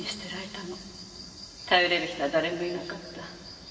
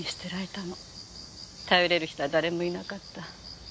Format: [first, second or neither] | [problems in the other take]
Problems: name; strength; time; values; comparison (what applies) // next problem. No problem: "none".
second | room echo; dies away in 2.3 s